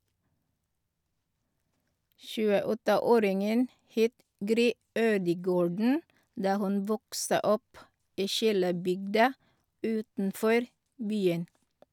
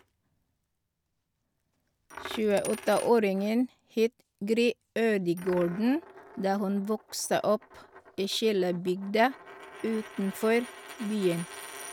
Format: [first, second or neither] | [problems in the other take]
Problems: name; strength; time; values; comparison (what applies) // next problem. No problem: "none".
first | background sound (Coin (dropping)); 18 dB below the speech